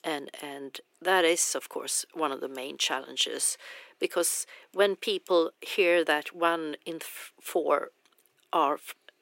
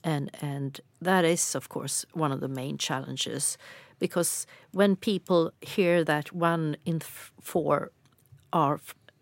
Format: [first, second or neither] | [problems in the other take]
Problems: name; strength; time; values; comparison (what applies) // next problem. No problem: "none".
second | thin; very; fading below 350 Hz